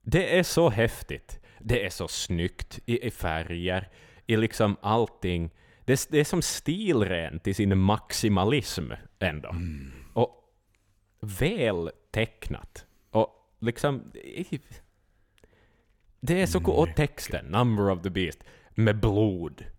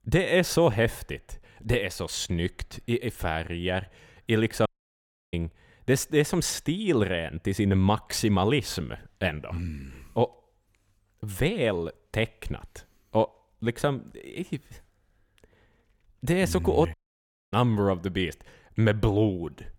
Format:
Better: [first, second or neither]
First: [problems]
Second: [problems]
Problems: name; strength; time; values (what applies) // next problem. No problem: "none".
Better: first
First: none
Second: audio cutting out; at 4.5 s for 0.5 s and at 17 s for 0.5 s